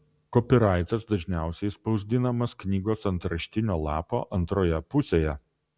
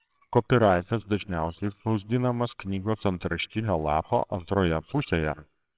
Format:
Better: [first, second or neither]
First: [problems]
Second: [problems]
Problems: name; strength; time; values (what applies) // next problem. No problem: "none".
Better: first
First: none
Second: noise reduction (neural separator model SepFormer WHAMR!)